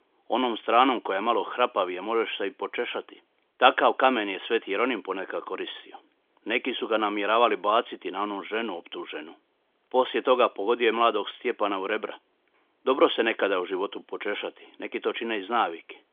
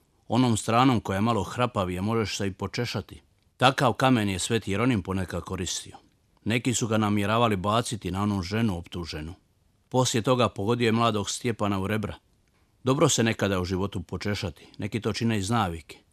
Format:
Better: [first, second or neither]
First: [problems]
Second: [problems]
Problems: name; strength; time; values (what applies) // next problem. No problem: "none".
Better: second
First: phone-call audio; nothing above 3.5 kHz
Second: none